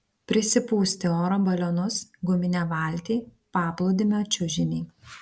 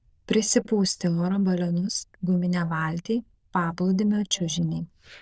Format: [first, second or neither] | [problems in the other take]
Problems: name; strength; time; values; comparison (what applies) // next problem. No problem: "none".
first | noise reduction (neural diffusion model UNIVERSE++)